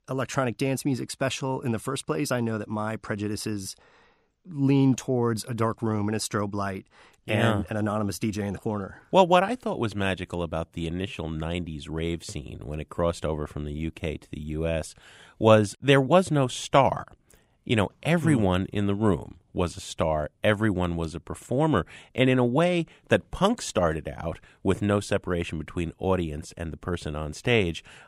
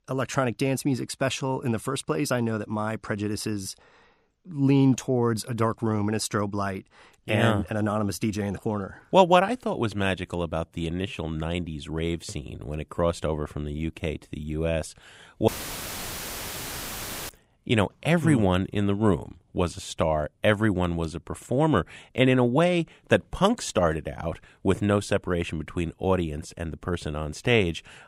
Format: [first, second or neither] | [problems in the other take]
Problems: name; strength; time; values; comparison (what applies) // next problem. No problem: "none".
first | audio cutting out; filled with static; at 15 s for 2 s